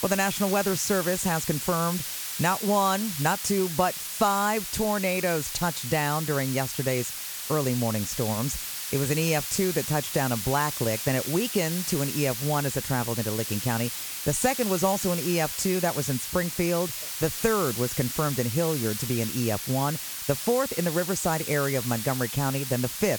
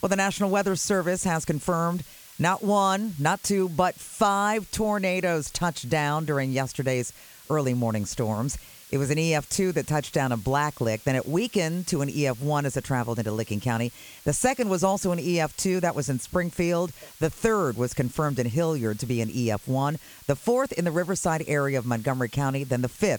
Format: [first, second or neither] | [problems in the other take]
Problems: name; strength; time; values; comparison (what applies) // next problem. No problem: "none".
second | hiss; loud; throughout; 4 dB below the speech; faint in the second